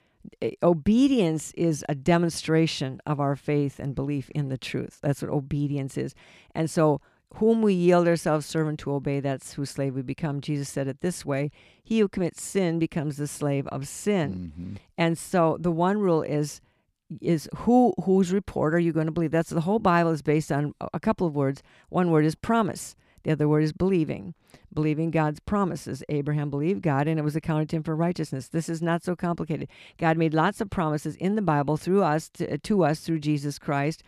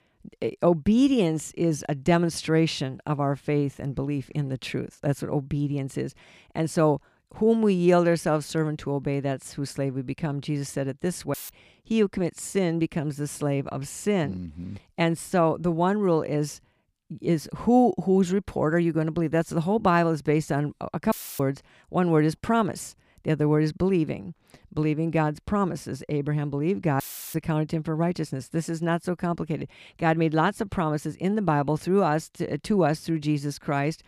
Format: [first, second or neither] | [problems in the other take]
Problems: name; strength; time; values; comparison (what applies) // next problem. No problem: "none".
first | audio cutting out; filled with static; at 11 s, at 21 s and at 27 s